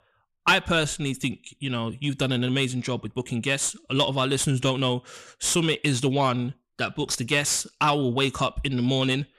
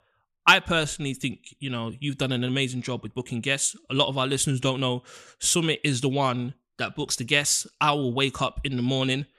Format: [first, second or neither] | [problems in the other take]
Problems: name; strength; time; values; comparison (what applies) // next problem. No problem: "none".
second | distortion; slight; 10 dB below the speech